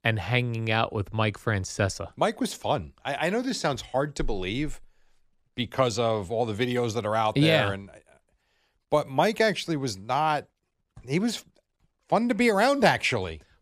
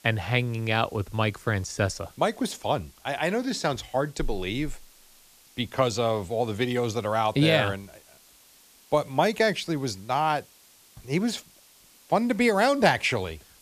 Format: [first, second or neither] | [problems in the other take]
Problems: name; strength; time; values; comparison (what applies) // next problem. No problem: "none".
first | hiss; faint; throughout; 25 dB below the speech